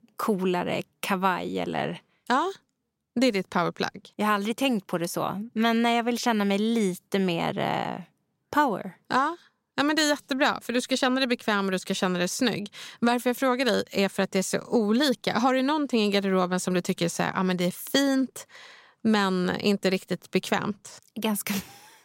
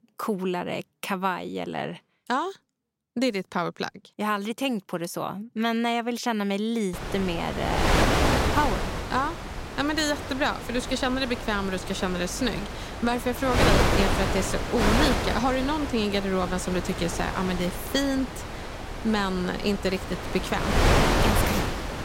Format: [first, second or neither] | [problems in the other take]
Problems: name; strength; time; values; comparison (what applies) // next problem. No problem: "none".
first | wind noise on the microphone; heavy; from 7 s on; as loud as the speech